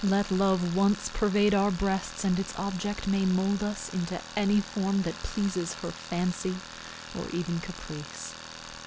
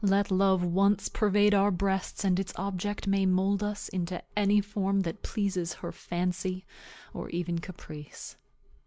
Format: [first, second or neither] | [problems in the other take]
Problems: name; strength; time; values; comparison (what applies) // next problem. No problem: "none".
second | background sound (Tools); 14 dB below the speech